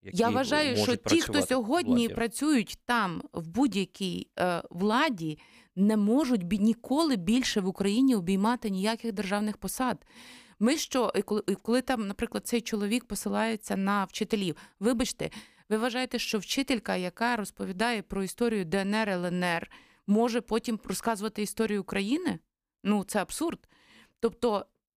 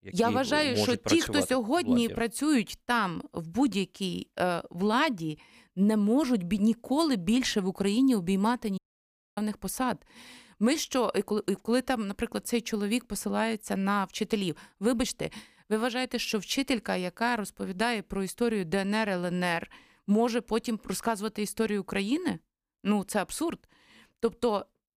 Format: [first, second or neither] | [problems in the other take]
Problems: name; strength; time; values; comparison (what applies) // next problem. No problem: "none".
first | audio cutting out; at 9 s for 0.5 s